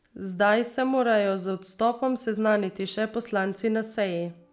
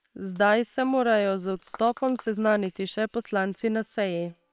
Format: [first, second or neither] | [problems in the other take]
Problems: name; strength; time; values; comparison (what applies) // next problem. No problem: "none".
first | noise reduction (neural separator model SepFormer WHAM!)